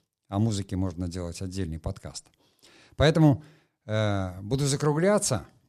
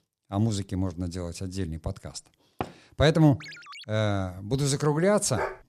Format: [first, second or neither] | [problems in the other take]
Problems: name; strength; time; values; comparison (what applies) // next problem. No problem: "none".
first | door banging; faint; at 2.5 s; peak 10 dB below the speech // phone ringing; faint; at 3.5 s; peak 15 dB below the speech // dog barking; very faint; at 5.5 s; peak 7 dB below the speech